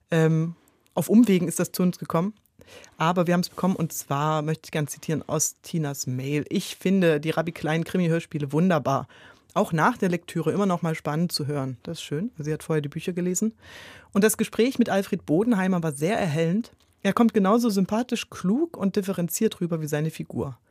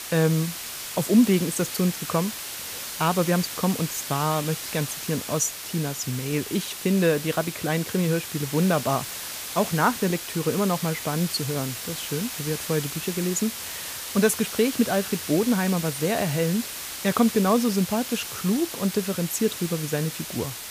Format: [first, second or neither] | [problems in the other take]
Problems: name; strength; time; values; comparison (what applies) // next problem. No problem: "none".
first | hiss; loud; throughout; 7 dB below the speech